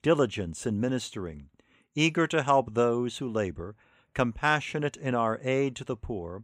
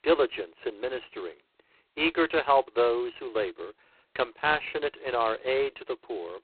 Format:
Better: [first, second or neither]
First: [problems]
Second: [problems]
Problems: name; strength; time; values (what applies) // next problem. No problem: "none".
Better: first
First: none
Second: phone-call audio; poor line; nothing above 4 kHz